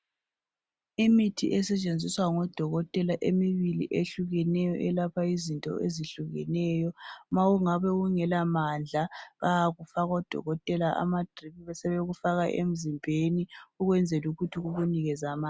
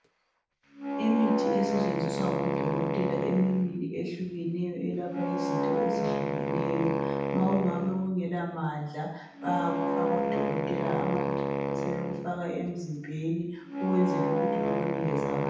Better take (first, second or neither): first